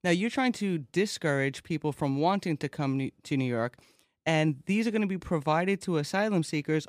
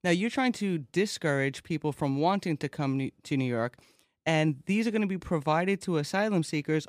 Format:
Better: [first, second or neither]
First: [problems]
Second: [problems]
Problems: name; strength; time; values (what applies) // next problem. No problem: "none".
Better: neither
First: none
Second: none